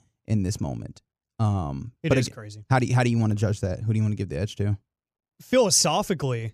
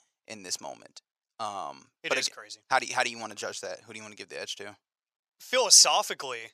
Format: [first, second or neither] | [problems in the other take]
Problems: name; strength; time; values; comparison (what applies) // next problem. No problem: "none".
first | thin; very; fading below 850 Hz